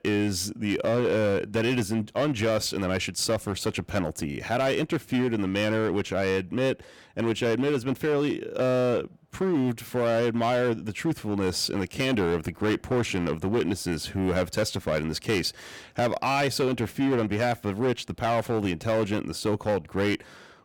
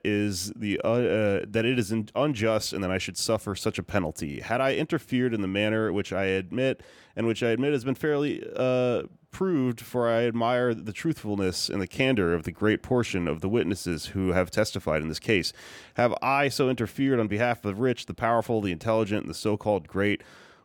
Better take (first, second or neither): second